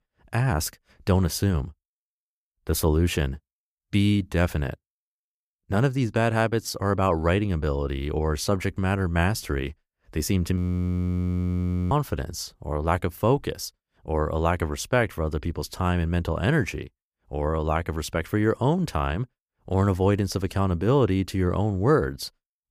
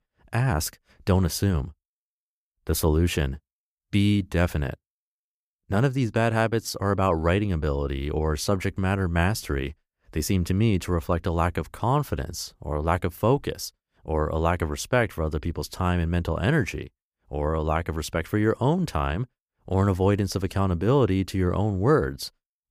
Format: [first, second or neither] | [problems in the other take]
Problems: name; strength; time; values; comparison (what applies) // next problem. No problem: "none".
second | audio freezing; at 11 s for 1.5 s